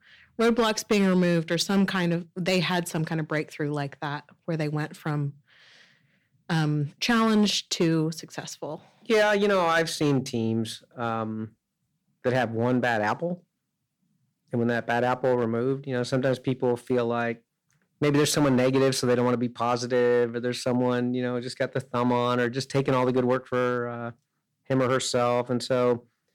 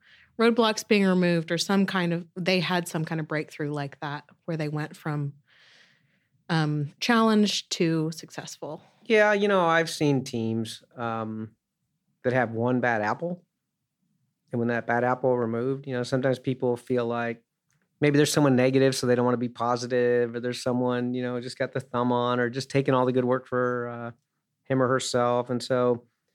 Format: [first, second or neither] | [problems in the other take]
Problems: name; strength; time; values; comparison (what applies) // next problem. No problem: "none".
second | distortion; slight; 4% of the sound clipped